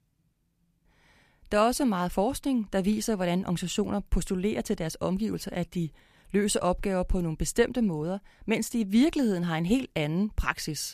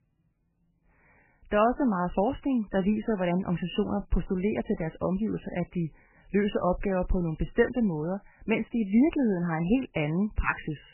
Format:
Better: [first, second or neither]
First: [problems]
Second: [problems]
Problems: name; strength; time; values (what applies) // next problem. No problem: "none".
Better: first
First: none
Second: garbled, watery; badly; nothing above 3 kHz